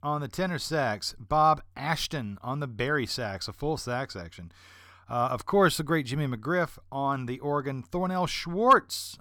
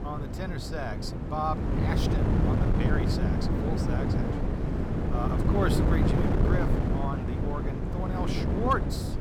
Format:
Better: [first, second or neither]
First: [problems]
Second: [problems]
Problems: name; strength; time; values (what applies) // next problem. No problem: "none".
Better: first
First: none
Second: wind noise on the microphone; heavy; as loud as the speech